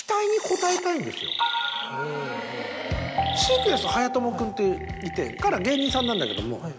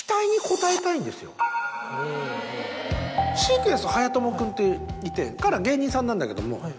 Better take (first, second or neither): second